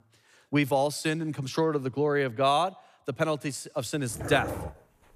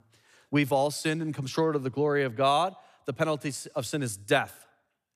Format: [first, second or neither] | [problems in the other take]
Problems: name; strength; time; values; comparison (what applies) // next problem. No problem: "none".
second | dog barking; noticeable; at 4 s; peak 6 dB below the speech